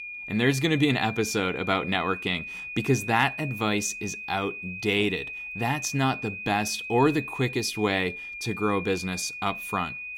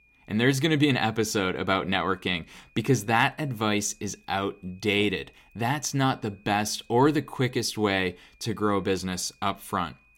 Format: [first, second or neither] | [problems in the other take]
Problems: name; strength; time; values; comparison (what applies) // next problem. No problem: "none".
second | high-pitched whine; loud; throughout; 2.5 kHz, 8 dB below the speech; faint in the second